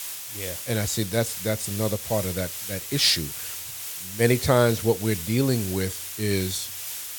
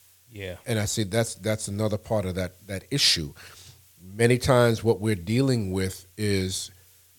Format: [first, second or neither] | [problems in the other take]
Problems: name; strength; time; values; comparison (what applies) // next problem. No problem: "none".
second | hiss; loud; throughout; 7 dB below the speech; faint in the second